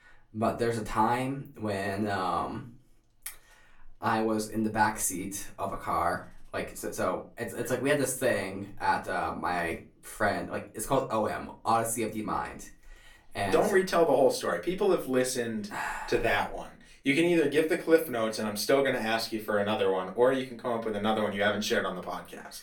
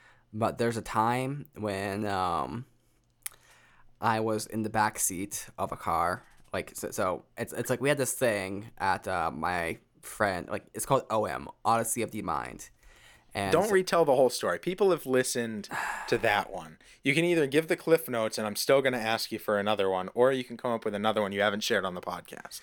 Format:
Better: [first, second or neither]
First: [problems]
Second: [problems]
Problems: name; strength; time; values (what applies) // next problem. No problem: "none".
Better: second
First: off-mic speech; far // room echo; very slight; dies away in 0.2 s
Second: none